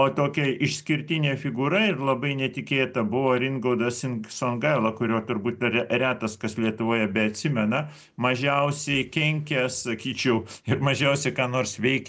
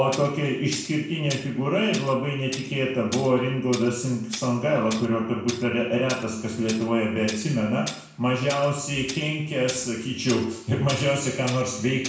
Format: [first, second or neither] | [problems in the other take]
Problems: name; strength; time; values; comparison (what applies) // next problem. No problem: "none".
first | background sound (Tools); 15 dB below the speech // room echo; dies away in 0.7 s